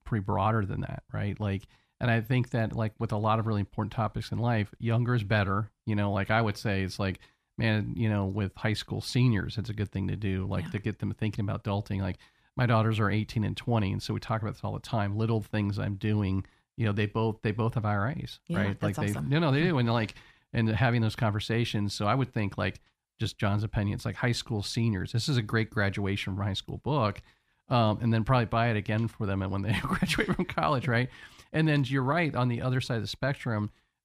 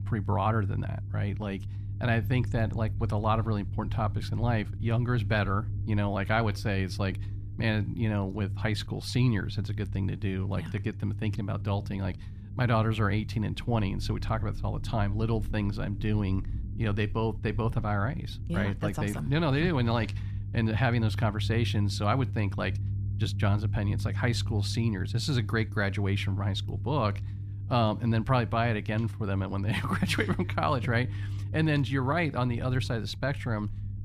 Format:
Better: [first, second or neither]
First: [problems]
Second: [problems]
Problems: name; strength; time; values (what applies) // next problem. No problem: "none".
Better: first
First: none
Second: low rumble; noticeable; throughout; 20 dB below the speech